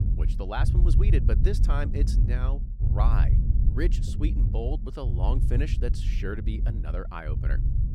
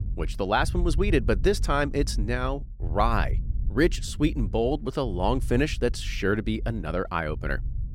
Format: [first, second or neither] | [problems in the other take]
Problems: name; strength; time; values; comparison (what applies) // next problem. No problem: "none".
second | low rumble; loud; throughout; 6 dB below the speech; faint in the second